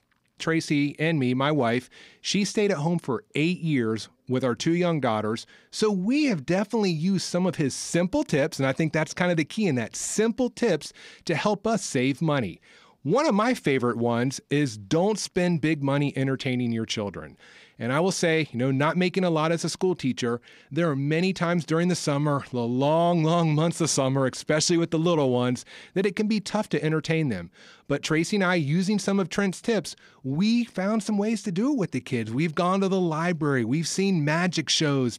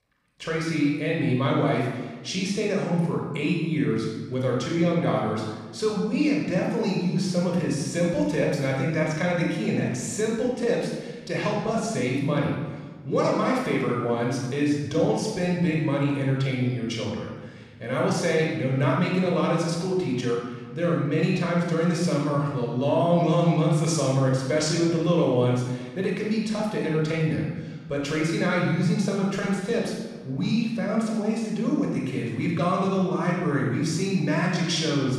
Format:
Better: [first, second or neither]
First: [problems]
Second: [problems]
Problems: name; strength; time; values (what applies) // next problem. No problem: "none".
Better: first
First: none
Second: off-mic speech; far // room echo; noticeable; dies away in 1.2 s